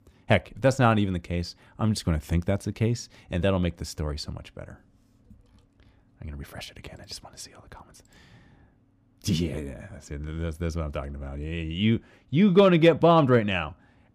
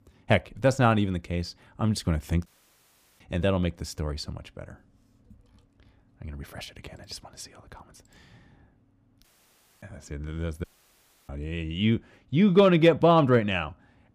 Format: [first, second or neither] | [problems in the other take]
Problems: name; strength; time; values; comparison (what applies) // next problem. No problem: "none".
first | audio cutting out; at 2.5 s for 0.5 s, at 9 s for 0.5 s and at 11 s for 0.5 s